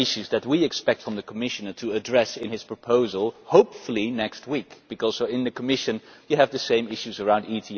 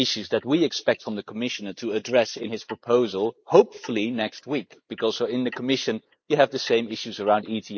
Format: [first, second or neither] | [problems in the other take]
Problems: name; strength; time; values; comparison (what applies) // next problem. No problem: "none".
first | noise reduction (neural mask model Resemble Enhance denoiser)